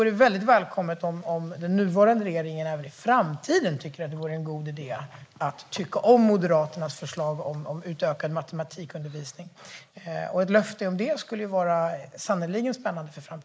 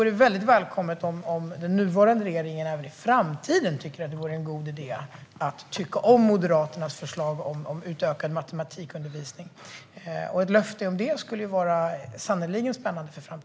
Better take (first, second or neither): second